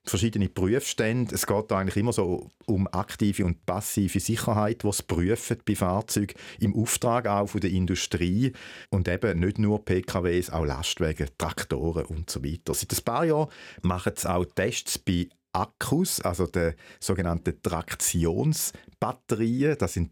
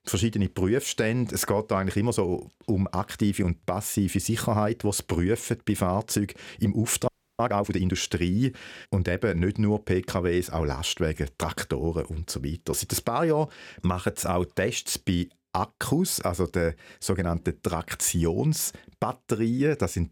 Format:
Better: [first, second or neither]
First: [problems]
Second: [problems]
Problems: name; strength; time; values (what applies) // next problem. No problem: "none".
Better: first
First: none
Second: audio freezing; at 7 s